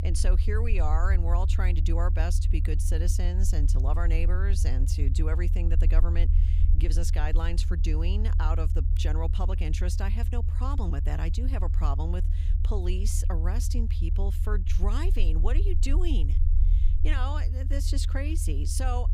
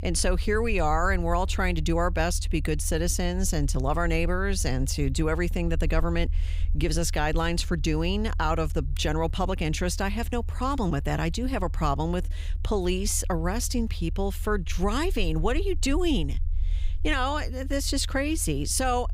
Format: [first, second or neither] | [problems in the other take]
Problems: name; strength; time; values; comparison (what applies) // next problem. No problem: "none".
second | low rumble; loud; throughout; 9 dB below the speech; faint in the second